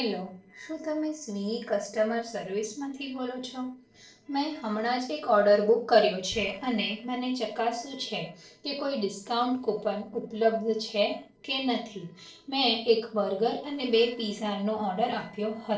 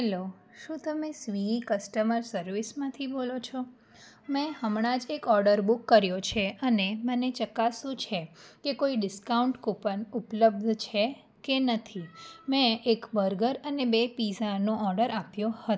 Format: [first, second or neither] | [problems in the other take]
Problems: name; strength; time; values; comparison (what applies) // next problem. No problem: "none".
second | noise reduction (neural separator model SepFormer DNS4)